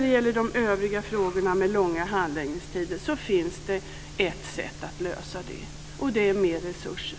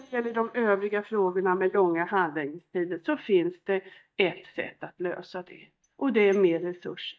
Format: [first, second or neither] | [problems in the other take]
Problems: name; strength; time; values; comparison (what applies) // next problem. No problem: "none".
first | noise reduction (neural mask model DeepFilterNet 3)